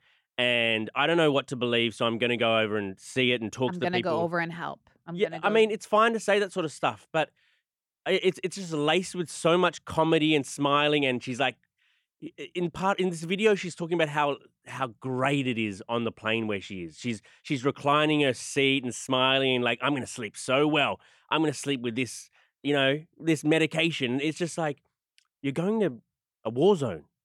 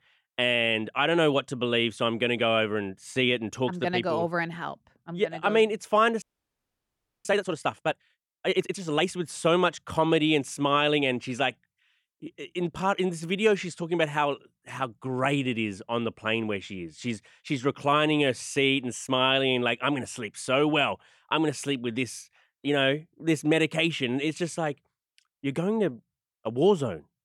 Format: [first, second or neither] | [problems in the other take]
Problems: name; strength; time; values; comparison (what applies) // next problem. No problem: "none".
first | audio freezing; at 6 s for 1 s